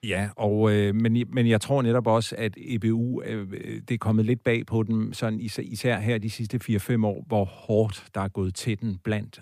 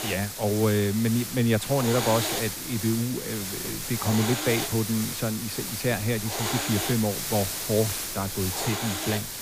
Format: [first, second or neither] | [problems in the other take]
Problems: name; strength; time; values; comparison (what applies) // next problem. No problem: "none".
first | hiss; loud; throughout; 3 dB below the speech